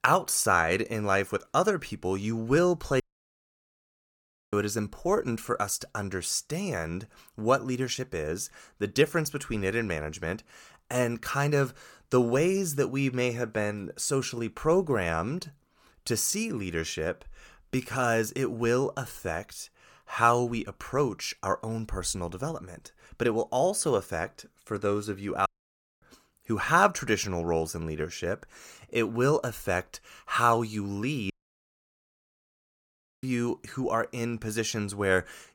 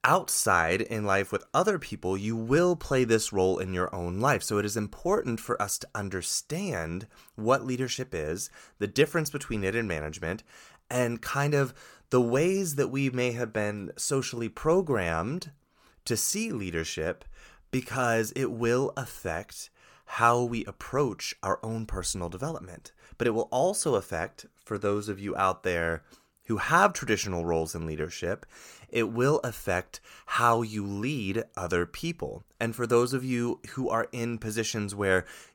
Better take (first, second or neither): second